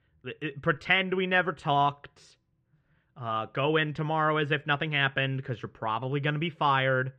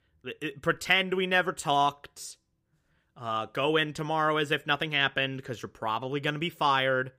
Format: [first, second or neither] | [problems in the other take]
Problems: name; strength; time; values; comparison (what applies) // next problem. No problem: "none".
second | muffled; slightly; fading above 2.5 kHz